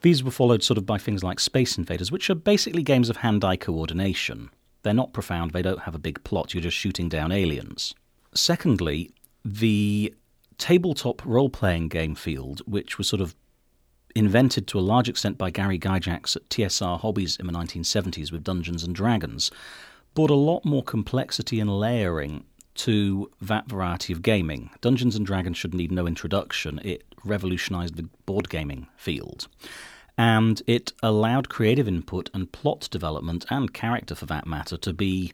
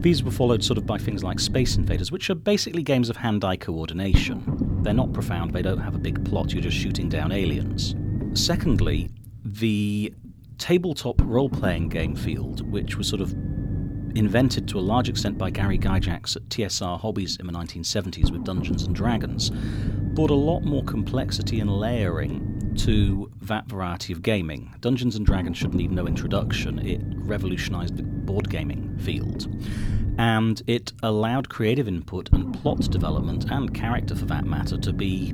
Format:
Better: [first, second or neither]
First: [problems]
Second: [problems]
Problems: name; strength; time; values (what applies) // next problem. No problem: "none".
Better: first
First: none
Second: low rumble; loud; throughout; 9 dB below the speech